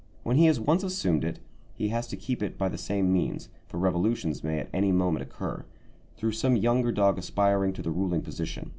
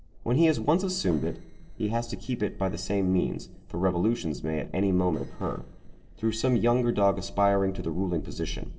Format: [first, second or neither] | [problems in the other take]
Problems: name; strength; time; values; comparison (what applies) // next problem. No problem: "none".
first | noise reduction (neural separator model SepFormer DNS4)